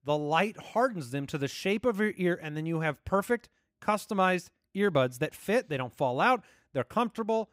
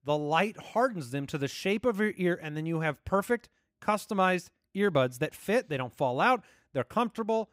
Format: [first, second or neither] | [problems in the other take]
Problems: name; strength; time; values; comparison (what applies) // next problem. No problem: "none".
neither | none